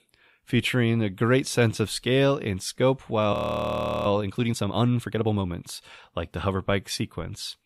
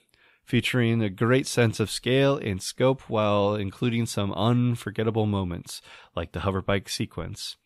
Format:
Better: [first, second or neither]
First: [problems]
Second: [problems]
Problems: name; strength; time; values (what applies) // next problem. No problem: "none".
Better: second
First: audio freezing; at 3.5 s for 0.5 s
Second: none